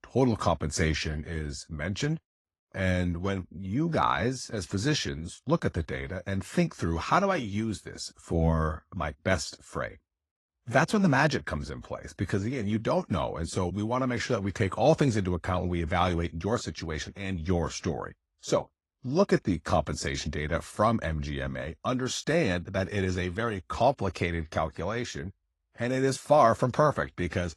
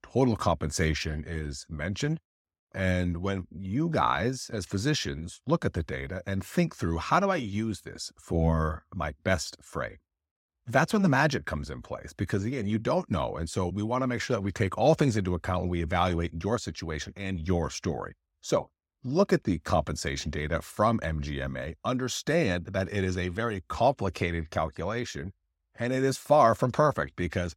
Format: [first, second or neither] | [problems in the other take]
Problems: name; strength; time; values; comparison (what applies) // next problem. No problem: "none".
second | garbled, watery; slightly; nothing above 11 kHz